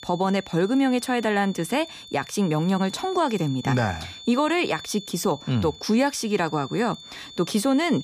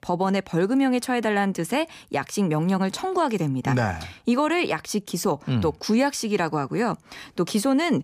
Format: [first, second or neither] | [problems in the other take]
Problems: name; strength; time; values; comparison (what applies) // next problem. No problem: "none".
second | high-pitched whine; noticeable; throughout; 3.5 kHz, 15 dB below the speech